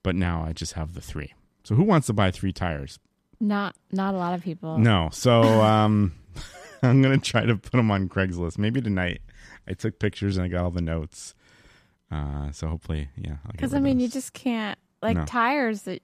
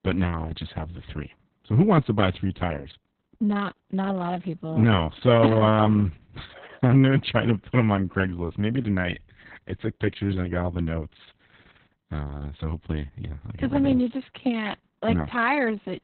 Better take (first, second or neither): first